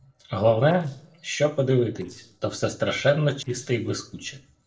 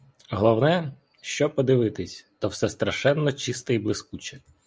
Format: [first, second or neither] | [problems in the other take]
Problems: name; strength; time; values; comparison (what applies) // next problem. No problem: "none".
second | noise reduction (neural separator model SepFormer DNS4)